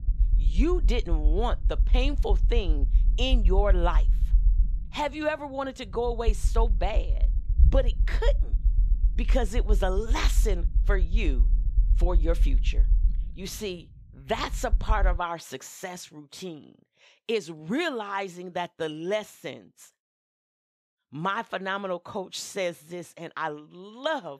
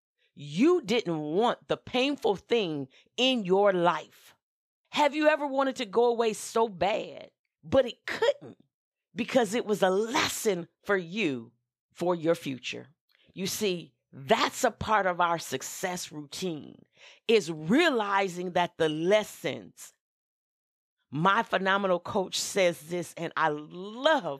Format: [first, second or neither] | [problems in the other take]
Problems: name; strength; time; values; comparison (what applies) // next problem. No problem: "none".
second | low rumble; noticeable; until 15 s; 20 dB below the speech